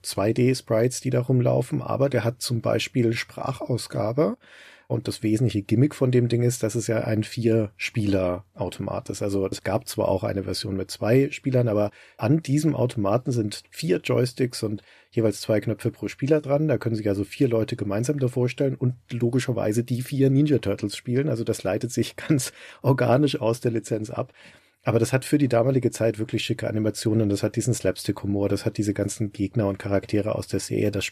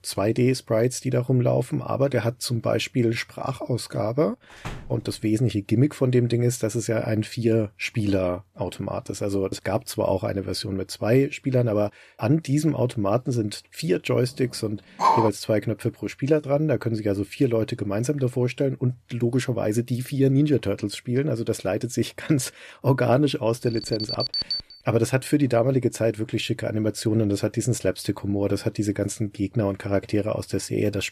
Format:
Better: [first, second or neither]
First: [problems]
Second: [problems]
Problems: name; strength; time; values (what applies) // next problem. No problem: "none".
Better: first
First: none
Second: door banging; faint; at 4.5 s; peak 15 dB below the speech // dog barking; loud; at 15 s; peak 3 dB above the speech // alarm; noticeable; from 24 to 25 s; peak 1 dB below the speech